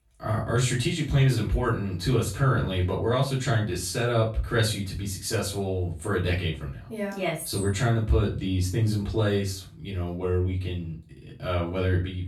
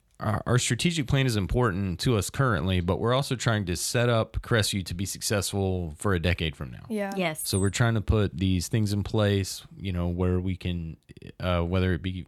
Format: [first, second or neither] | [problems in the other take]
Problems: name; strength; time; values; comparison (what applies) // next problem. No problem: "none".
second | off-mic speech; far // room echo; slight; dies away in 0.3 s